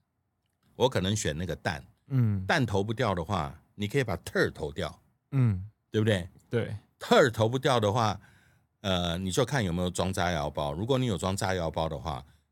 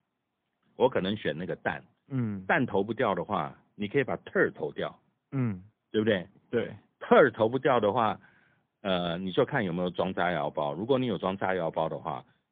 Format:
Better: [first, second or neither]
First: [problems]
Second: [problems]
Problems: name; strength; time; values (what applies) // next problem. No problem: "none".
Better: first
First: none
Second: phone-call audio; poor line; nothing above 3.5 kHz